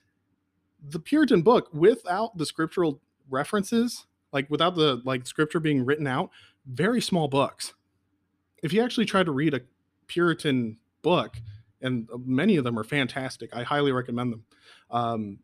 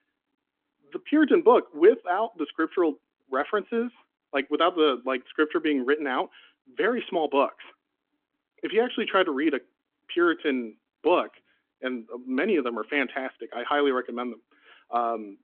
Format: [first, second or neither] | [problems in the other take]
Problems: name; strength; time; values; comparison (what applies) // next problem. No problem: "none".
first | phone-call audio